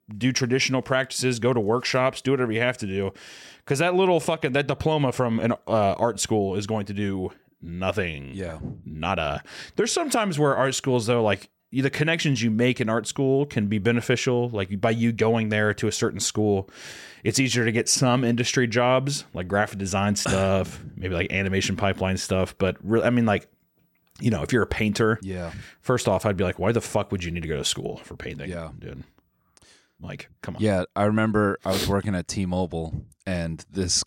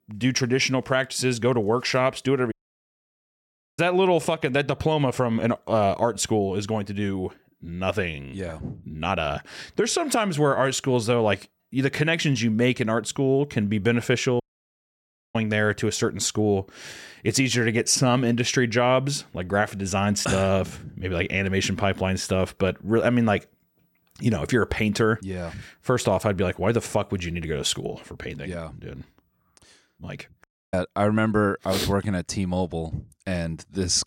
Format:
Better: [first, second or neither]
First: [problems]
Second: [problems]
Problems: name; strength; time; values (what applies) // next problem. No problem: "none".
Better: first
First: none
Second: audio cutting out; at 2.5 s for 1.5 s, at 14 s for 1 s and at 30 s